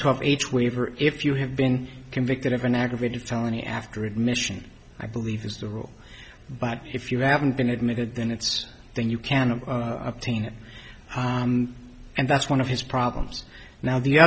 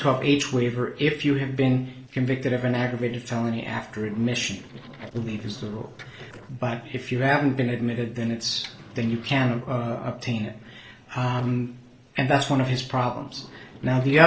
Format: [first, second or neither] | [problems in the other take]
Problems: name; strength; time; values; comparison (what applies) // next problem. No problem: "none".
first | noise reduction (neural separator model SepFormer DNS4)